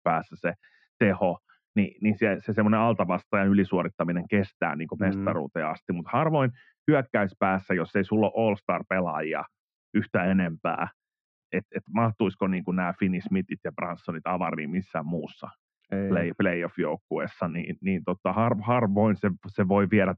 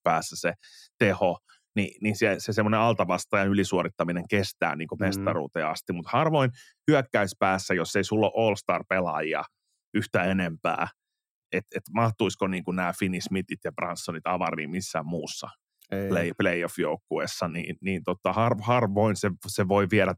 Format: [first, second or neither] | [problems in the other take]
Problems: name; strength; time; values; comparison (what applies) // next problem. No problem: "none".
second | muffled; very; fading above 2.5 kHz